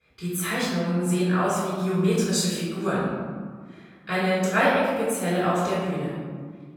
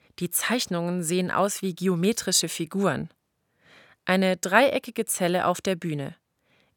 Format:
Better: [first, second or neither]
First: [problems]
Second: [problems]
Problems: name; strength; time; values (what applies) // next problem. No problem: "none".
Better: second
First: off-mic speech; far // room echo; strong; dies away in 1.6 s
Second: none